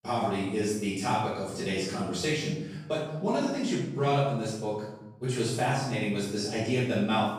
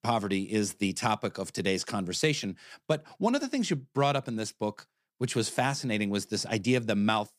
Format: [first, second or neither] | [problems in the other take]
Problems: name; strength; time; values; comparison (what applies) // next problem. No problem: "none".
second | off-mic speech; far // room echo; strong; dies away in 0.9 s